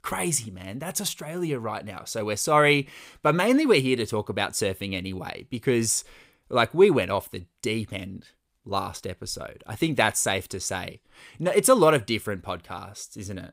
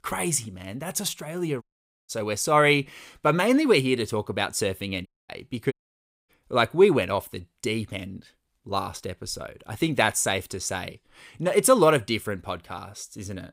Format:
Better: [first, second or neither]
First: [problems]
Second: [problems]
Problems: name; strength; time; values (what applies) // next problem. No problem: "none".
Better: first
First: none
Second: audio cutting out; at 1.5 s, at 5 s and at 5.5 s for 0.5 s